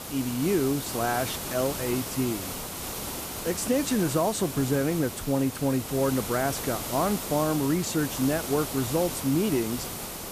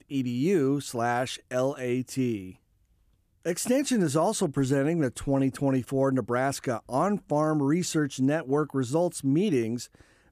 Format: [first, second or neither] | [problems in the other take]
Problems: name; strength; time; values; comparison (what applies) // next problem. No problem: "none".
second | hiss; loud; throughout; 6 dB below the speech